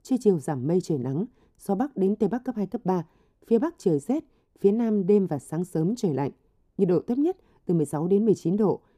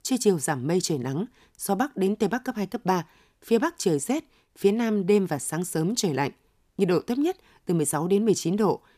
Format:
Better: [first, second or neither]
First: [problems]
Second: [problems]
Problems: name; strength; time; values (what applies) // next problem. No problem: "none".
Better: second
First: muffled; slightly; fading above 1 kHz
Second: none